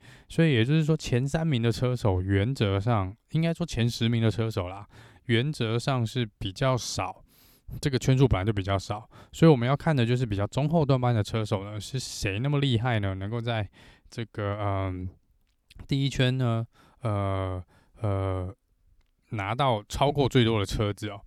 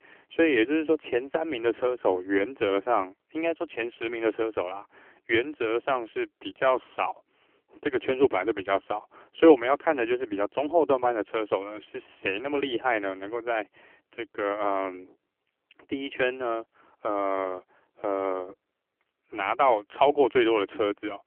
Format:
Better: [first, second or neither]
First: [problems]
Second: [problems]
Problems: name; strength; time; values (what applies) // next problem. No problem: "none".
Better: first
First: none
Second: phone-call audio; poor line; nothing above 3 kHz